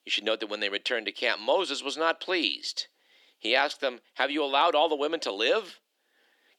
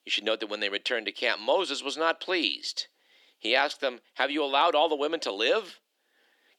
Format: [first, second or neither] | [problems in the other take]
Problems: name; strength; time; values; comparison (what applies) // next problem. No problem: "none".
neither | thin; somewhat; fading below 300 Hz; the same in both